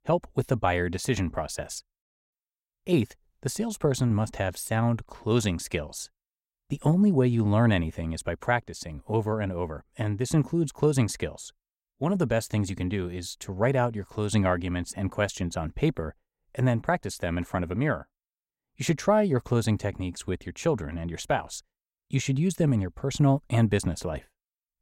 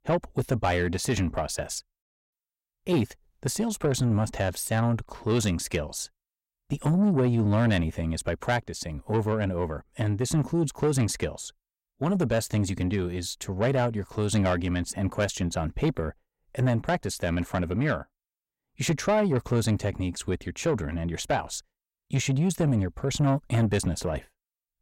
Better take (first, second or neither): first